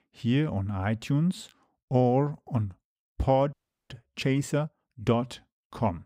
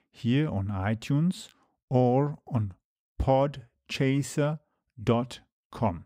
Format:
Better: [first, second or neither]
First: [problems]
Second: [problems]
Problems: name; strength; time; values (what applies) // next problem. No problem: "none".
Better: second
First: audio freezing; at 3.5 s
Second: none